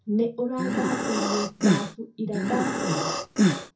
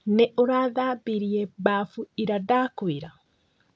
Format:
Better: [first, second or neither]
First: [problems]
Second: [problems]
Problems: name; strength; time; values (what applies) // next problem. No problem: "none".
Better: second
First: background sound (Breathing); 5 dB above the speech // room echo; dies away in 0.3 s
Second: none